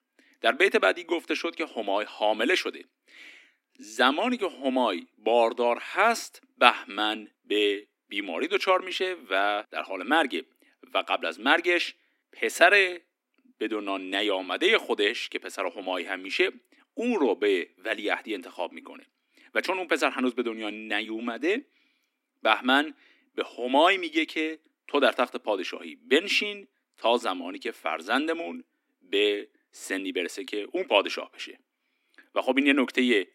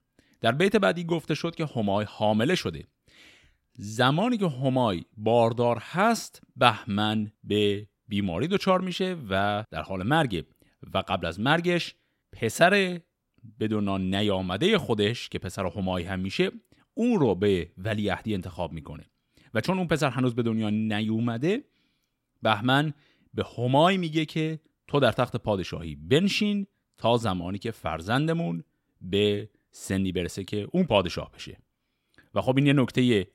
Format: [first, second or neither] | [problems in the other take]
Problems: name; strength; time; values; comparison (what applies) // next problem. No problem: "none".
second | thin; somewhat; fading below 250 Hz